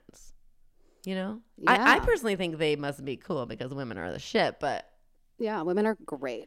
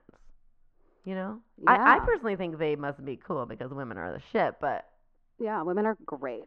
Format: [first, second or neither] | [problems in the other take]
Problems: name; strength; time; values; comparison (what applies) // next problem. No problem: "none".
first | muffled; very; fading above 1.5 kHz